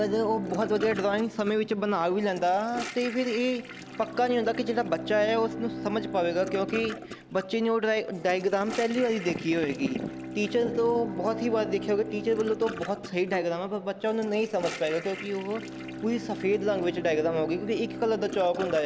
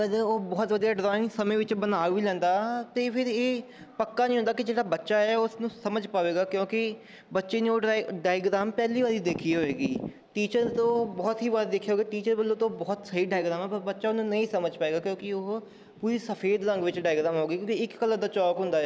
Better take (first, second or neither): second